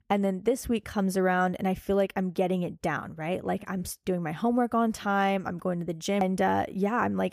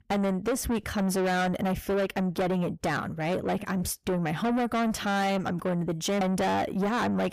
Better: first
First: none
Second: distortion; heavy; 7 dB below the speech

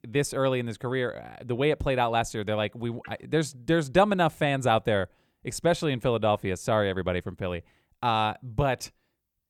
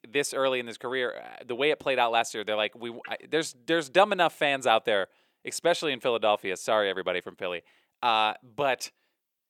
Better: first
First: none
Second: thin; somewhat; fading below 400 Hz

